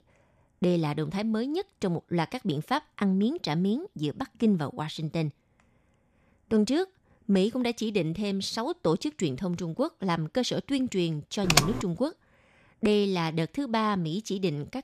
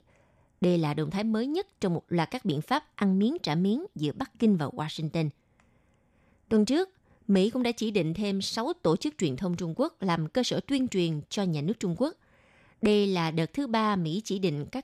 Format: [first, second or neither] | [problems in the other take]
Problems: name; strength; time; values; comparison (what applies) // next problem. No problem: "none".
second | keyboard typing; loud; at 11 s; peak 5 dB above the speech